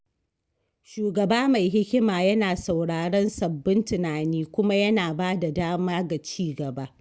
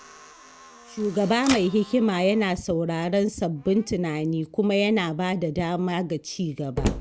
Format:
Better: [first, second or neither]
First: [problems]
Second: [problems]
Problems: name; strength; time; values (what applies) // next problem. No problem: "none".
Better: first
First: none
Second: background sound (Typewriter + Slam); 12 dB below the speech